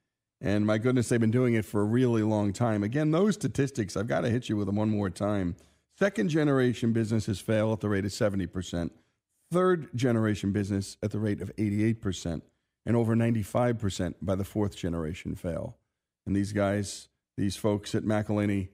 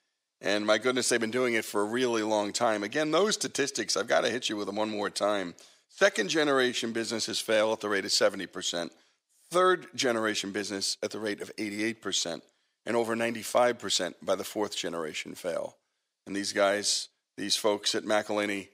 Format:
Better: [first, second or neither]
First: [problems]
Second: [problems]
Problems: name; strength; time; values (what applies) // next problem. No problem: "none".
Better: first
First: none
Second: thin; somewhat; fading below 500 Hz